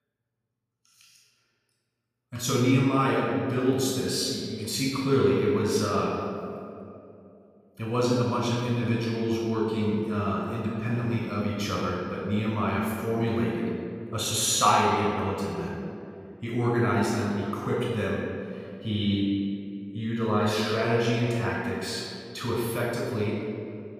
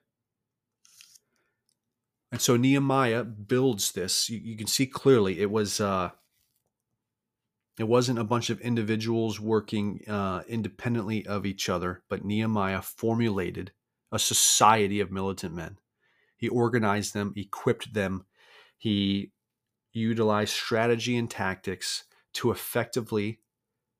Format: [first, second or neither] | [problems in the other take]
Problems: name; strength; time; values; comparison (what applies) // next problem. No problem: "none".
second | off-mic speech; far // room echo; strong; dies away in 2.2 s